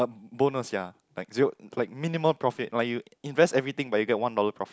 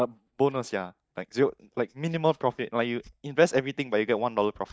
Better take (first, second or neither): first